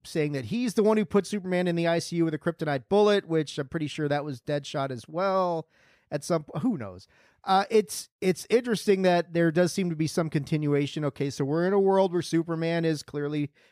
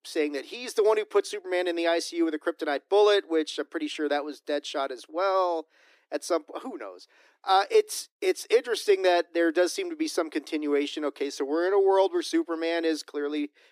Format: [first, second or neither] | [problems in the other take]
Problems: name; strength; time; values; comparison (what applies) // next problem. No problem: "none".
first | thin; somewhat; fading below 300 Hz